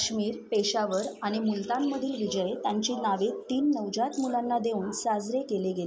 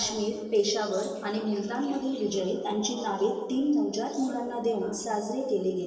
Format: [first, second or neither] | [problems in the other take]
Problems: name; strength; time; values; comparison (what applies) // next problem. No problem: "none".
first | room echo; dies away in 1 s